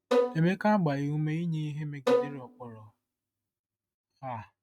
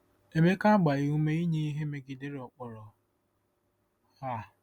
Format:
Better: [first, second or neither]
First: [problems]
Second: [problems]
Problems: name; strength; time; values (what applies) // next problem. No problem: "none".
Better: second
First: noise reduction (neural mask model RNNoise)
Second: none